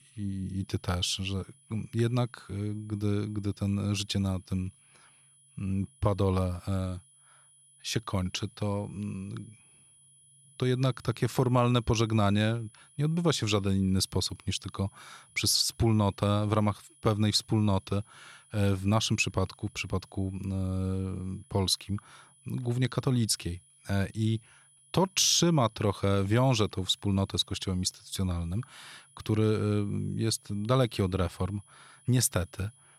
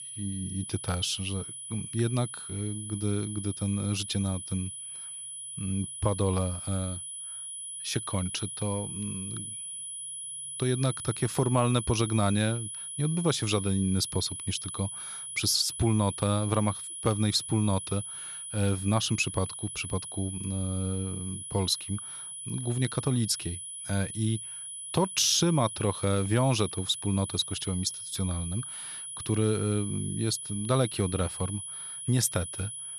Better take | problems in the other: first | high-pitched whine; loud; throughout; 10.5 kHz, 7 dB below the speech; faint in the first

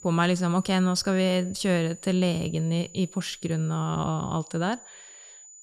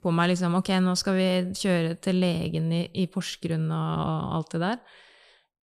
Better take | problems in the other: second | high-pitched whine; noticeable; throughout; 7 kHz, 20 dB below the speech

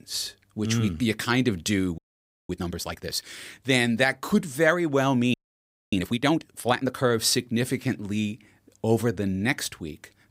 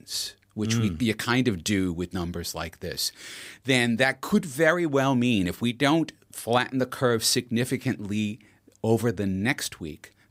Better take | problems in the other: second | audio freezing; at 2 s for 0.5 s and at 5.5 s for 0.5 s

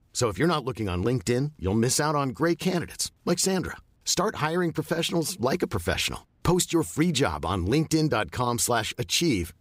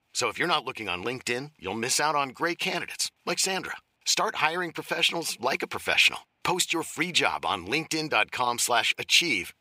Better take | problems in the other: first | thin; somewhat; fading below 550 Hz

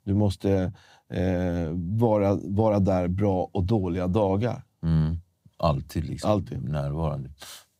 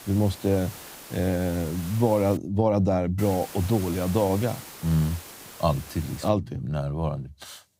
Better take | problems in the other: first | hiss; noticeable; until 2.5 s and from 3 to 6.5 s; 15 dB below the speech

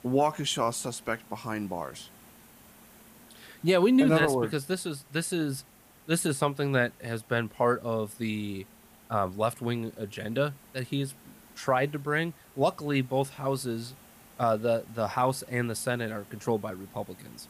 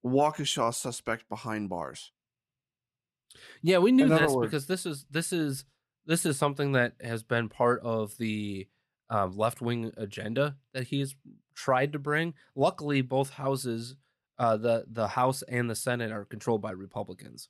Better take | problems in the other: second | hiss; faint; throughout; 25 dB below the speech

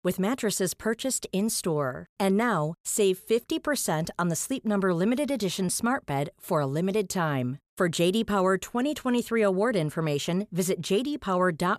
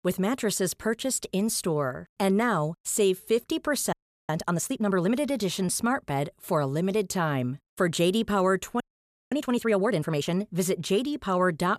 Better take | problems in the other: first | audio freezing; at 4 s and at 9 s for 0.5 s

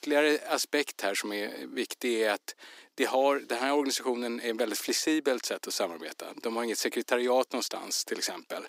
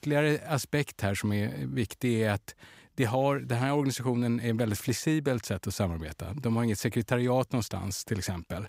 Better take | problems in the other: second | thin; somewhat; fading below 300 Hz

